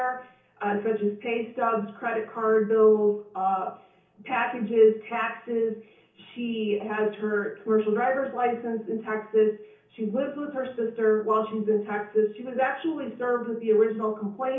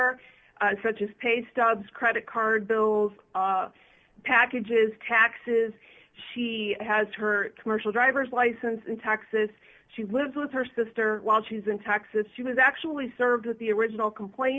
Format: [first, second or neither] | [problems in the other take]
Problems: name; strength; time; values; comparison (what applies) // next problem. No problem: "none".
second | room echo; dies away in 0.6 s